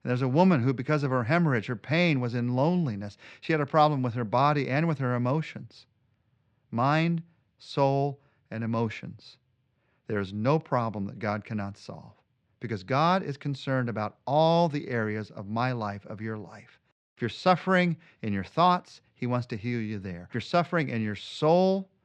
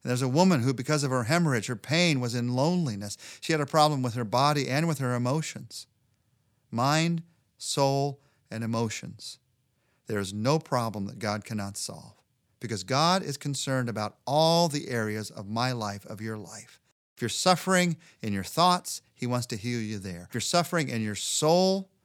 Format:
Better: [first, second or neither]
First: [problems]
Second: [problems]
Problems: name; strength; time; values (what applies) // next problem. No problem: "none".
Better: second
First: muffled; slightly; fading above 3 kHz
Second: none